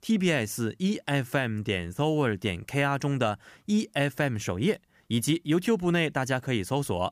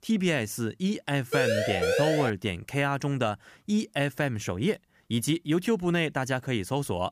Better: first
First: none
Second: siren; loud; at 1.5 s; peak 3 dB above the speech

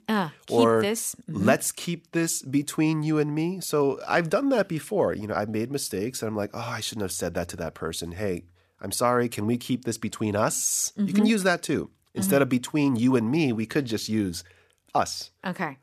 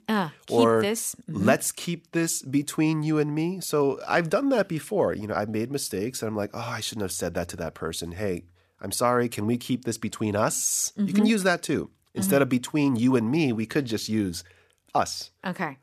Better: neither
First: none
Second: none

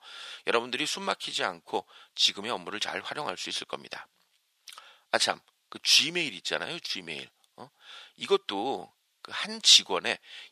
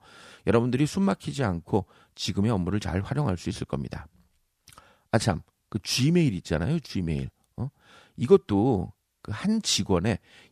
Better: second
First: thin; very; fading below 600 Hz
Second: none

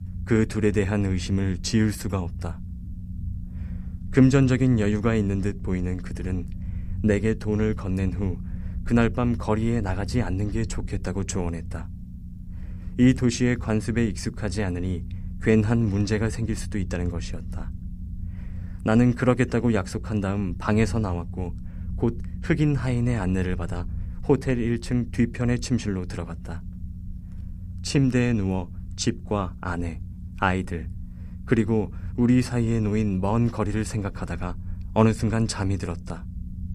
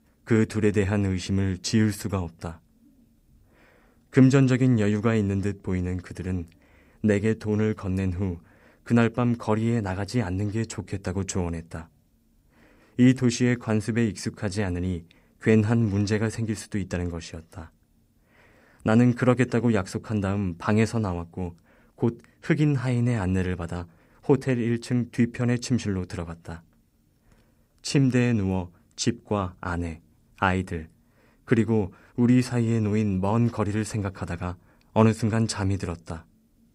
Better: second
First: low rumble; faint; throughout; 20 dB below the speech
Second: none

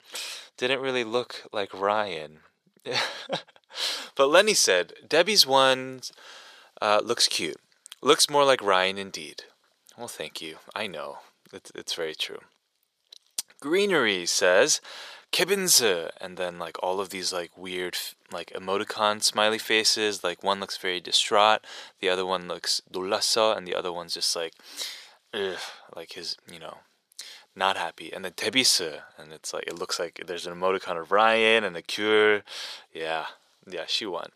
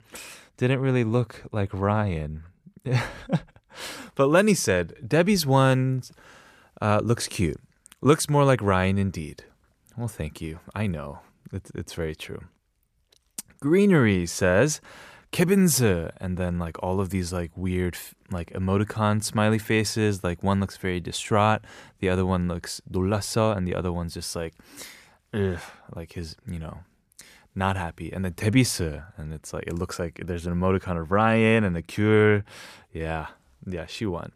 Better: second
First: thin; very; fading below 550 Hz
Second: none

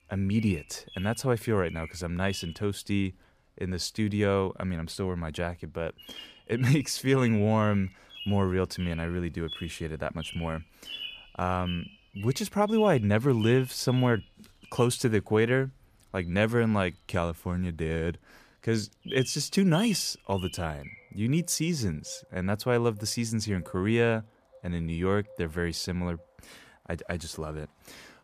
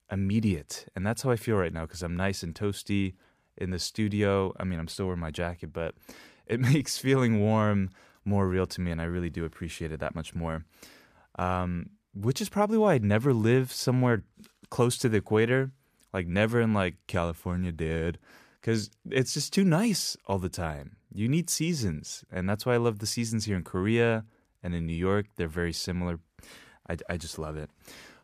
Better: second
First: animal sounds; noticeable; throughout; 15 dB below the speech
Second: none

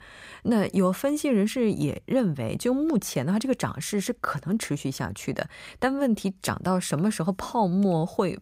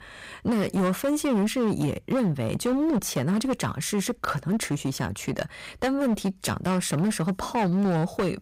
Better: first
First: none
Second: distortion; slight; 18% of the sound clipped

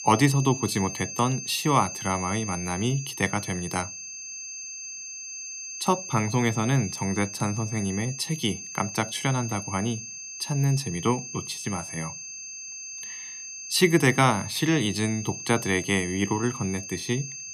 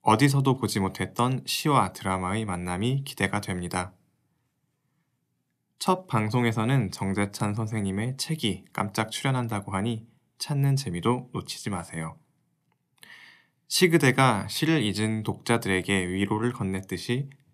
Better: second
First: high-pitched whine; loud; throughout; 6.5 kHz, 9 dB below the speech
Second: none

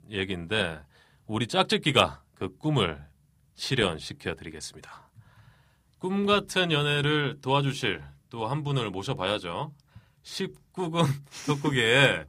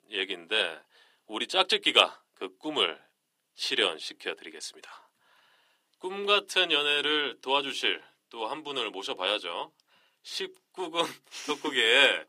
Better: first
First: none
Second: thin; somewhat; fading below 300 Hz

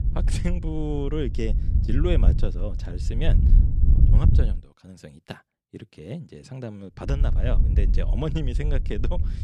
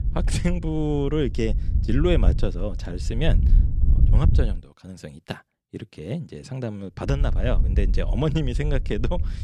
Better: second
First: wind noise on the microphone; heavy; until 4.5 s and from 7 s on; 6 dB below the speech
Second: wind noise on the microphone; occasional gusts; until 4.5 s and from 7 s on; 10 dB below the speech

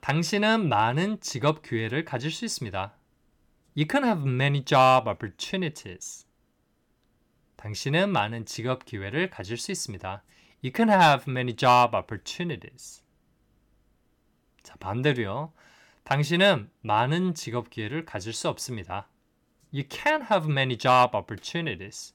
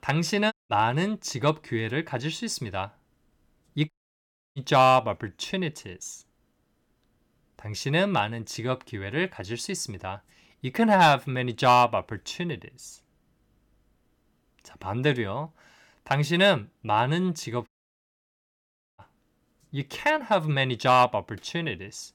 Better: first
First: none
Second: audio cutting out; at 0.5 s, at 4 s for 0.5 s and at 18 s for 1.5 s

